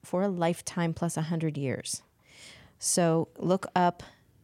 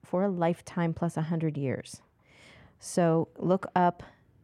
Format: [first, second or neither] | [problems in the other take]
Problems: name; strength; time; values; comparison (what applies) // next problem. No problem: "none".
first | muffled; slightly; fading above 3 kHz